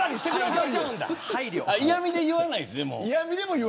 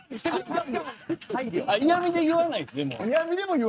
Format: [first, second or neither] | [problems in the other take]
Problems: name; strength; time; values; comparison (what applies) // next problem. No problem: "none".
first | noise reduction (neural mask model RNNoise)